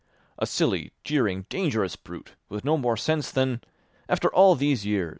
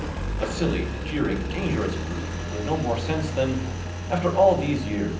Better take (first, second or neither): first